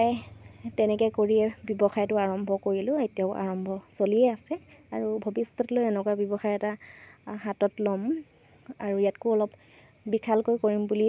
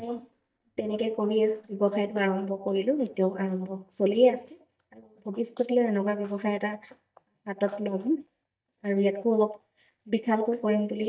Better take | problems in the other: first | noise reduction (neural mask model DeepFilterNet 3)

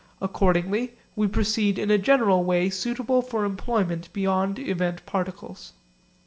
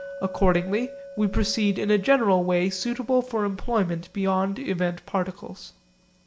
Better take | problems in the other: first | background sound (Chink, clink); 19 dB below the speech

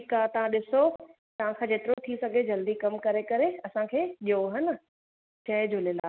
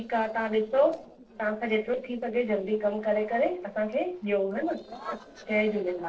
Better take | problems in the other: first | noise reduction (neural separator model SepFormer DNS4)

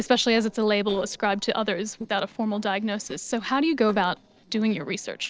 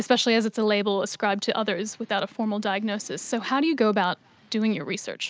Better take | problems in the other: second | noise reduction (neural separator model SepFormer DNS4)

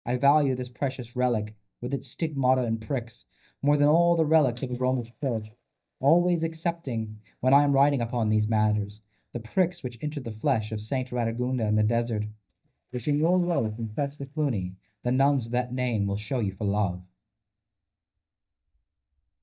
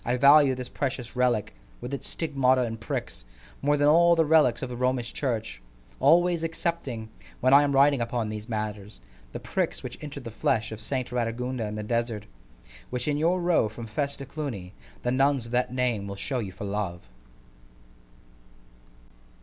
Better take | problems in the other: second | noise reduction (neural mask model DeepFilterNet 3)

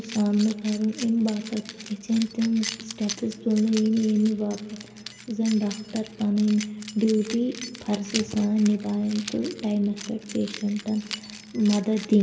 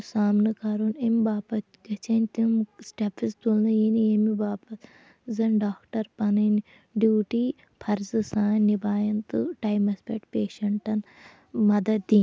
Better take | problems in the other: second | background sound (Keys jangling); 15 dB below the speech // room echo; dies away in 1.7 s

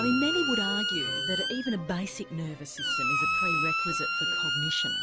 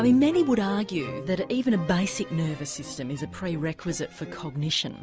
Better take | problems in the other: second | background sound (Squeak); 3 dB above the speech

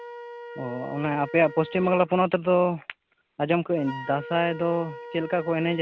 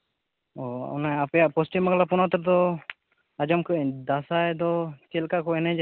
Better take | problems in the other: second | background sound (Wind instrument, woodwind instrument); 15 dB below the speech

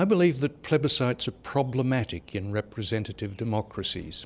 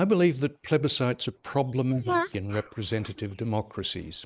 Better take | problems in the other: first | noise reduction (neural mask model Resemble Enhance denoiser)

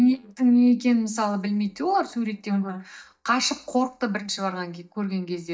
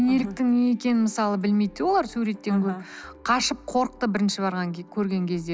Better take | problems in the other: second | noise reduction (neural mask model DeepFilterNet 3)

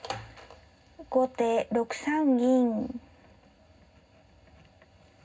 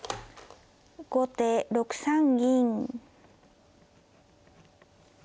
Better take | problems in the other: second | room echo; dies away in 0.4 s

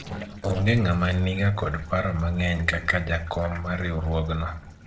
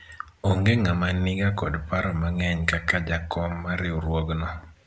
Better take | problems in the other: second | noise reduction (neural separator model SepFormer DNS4)

